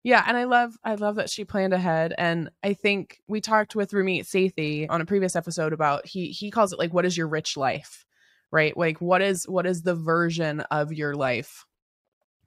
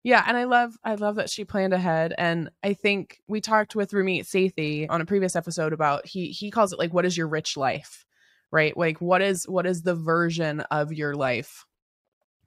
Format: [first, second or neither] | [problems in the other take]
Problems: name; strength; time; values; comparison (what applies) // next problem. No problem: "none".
neither | none